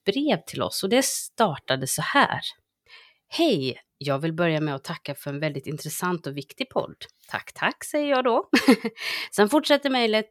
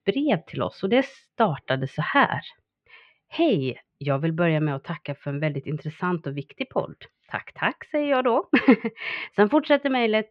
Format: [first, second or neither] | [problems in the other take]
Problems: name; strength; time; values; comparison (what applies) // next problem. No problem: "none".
first | muffled; very; fading above 2.5 kHz